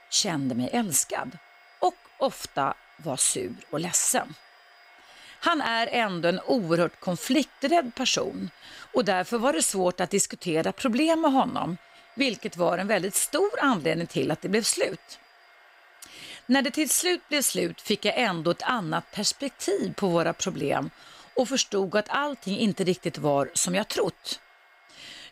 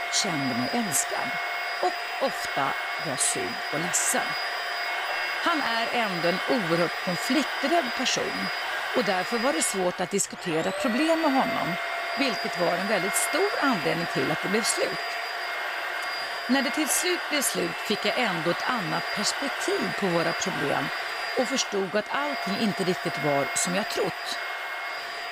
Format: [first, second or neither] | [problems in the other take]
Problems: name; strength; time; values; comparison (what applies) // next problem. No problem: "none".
first | household noises; loud; throughout; 2 dB below the speech; faint in the first